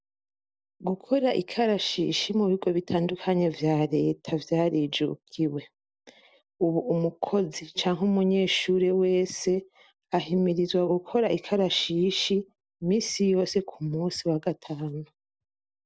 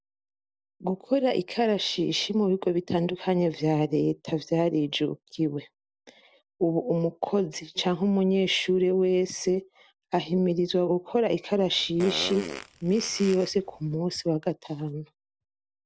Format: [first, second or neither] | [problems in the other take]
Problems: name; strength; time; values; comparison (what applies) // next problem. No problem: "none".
first | background sound (Fart); 12 dB below the speech